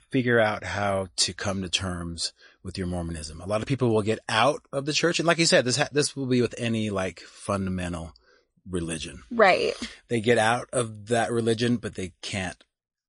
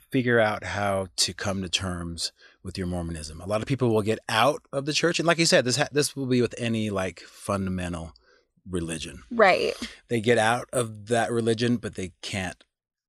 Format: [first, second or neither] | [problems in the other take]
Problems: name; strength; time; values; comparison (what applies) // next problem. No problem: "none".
second | garbled, watery; slightly; nothing above 10.5 kHz